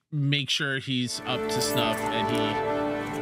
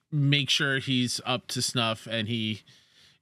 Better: second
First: background music; loud; from 1 s on; as loud as the speech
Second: none

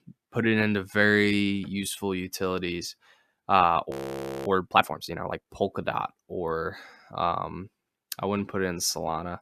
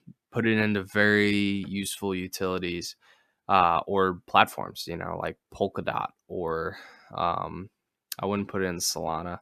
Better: second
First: audio freezing; at 4 s for 0.5 s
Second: none

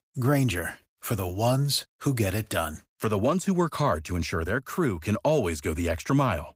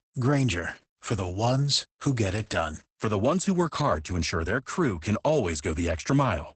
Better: first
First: garbled, watery; slightly; nothing above 15.5 kHz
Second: garbled, watery; badly; nothing above 8 kHz

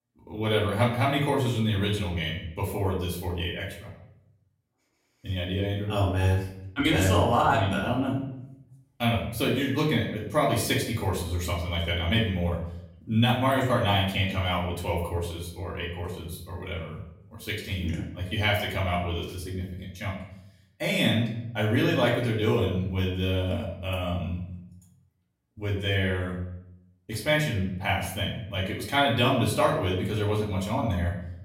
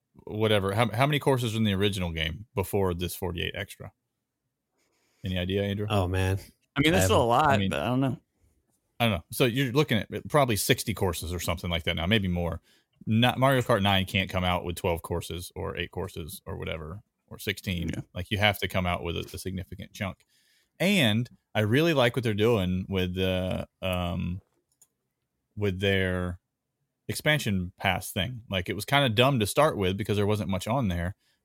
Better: second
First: off-mic speech; far // room echo; slight; dies away in 0.6 s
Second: none

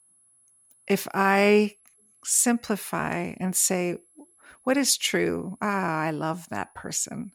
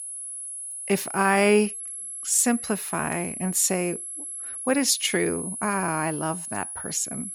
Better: first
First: high-pitched whine; faint; throughout; 11 kHz, 35 dB below the speech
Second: high-pitched whine; loud; throughout; 11 kHz, 8 dB below the speech

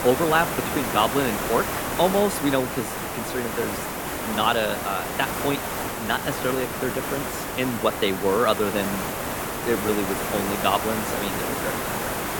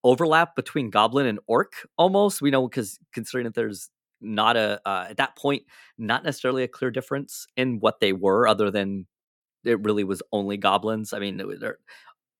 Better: second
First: hiss; loud; throughout; 2 dB below the speech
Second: none

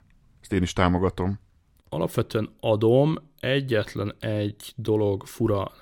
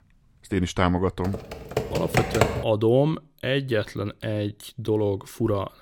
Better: first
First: none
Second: keyboard typing; loud; from 1.5 to 2.5 s; peak 3 dB above the speech

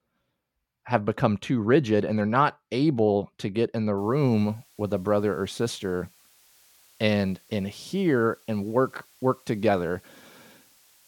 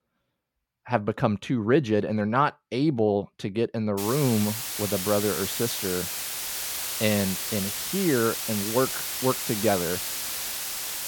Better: first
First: hiss; faint; from 4 s on; 30 dB below the speech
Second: hiss; loud; from 4 s on; 2 dB below the speech

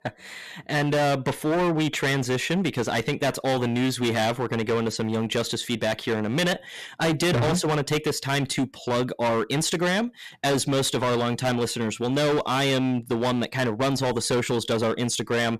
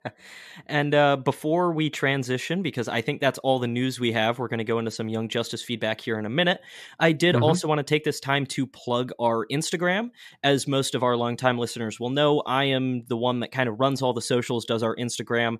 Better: second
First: distortion; heavy; 19% of the sound clipped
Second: none

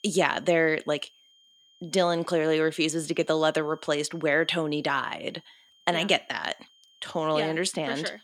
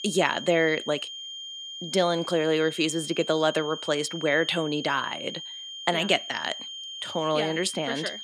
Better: first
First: high-pitched whine; faint; throughout; 3 kHz, 30 dB below the speech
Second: high-pitched whine; loud; throughout; 3 kHz, 10 dB below the speech

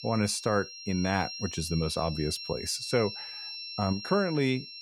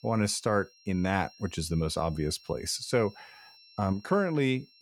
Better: second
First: high-pitched whine; loud; throughout; 5.5 kHz, 9 dB below the speech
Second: high-pitched whine; faint; throughout; 5.5 kHz, 25 dB below the speech

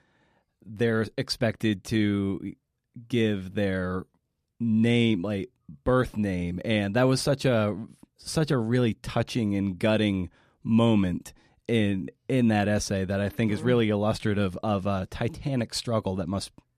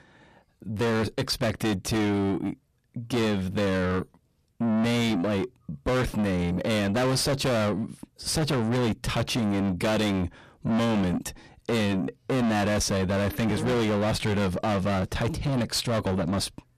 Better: first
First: none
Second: distortion; heavy; 6 dB below the speech

